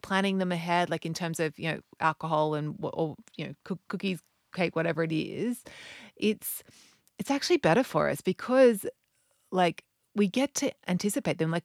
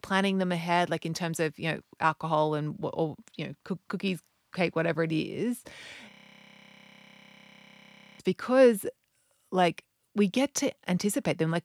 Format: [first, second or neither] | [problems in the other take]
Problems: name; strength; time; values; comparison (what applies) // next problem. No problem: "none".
first | audio freezing; at 6 s for 2 s